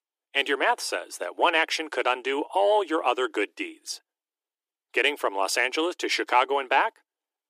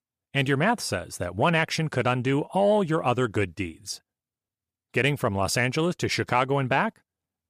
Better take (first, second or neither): second